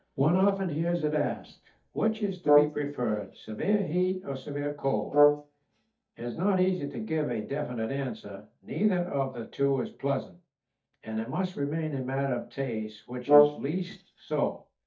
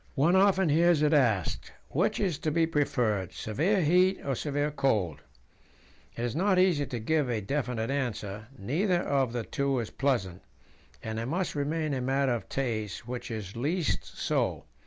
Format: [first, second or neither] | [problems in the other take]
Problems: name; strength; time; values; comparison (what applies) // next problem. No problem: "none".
second | noise reduction (neural mask model DeepFilterNet 3)